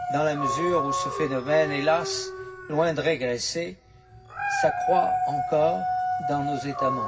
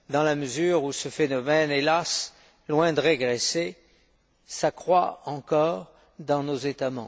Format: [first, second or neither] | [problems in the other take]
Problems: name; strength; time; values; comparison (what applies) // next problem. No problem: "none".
second | background sound (Dog); 2 dB below the speech // room echo; dies away in 0.4 s